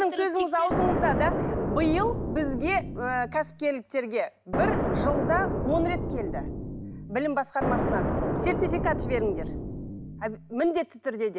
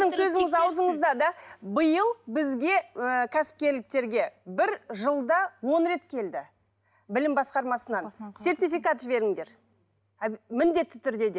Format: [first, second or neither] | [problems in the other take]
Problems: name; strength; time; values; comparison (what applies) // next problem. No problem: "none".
second | background sound (Explosion); 1 dB below the speech